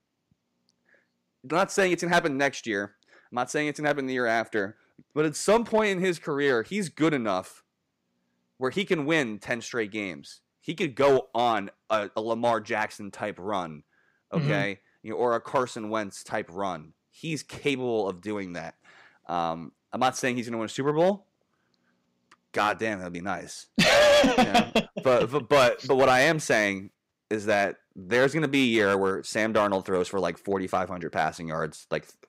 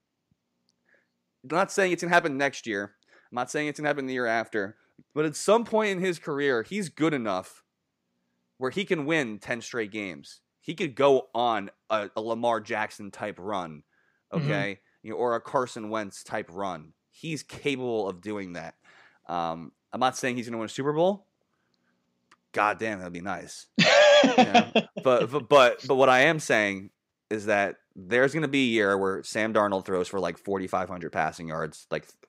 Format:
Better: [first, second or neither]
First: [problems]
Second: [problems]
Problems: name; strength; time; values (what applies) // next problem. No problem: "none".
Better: second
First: distortion; slight; 2% of the sound clipped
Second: none